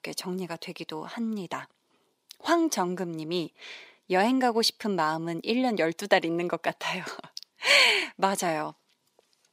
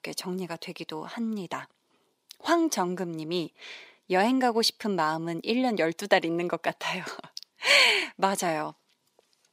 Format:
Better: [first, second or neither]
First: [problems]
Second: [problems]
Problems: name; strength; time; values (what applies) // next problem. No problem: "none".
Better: neither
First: thin; very slightly; fading below 300 Hz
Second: thin; very slightly; fading below 300 Hz